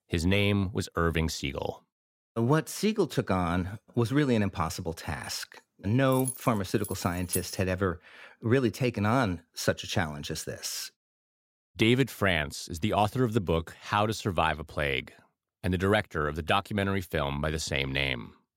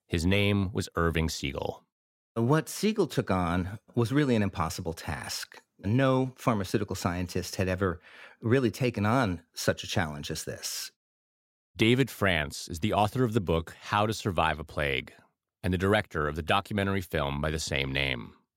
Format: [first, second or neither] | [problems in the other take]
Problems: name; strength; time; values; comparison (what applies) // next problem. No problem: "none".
second | jangling keys; noticeable; from 6 to 7.5 s; peak 5 dB below the speech